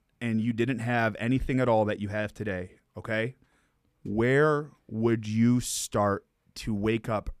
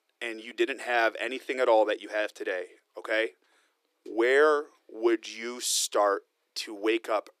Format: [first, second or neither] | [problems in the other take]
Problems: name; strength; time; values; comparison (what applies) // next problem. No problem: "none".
first | thin; very; fading below 350 Hz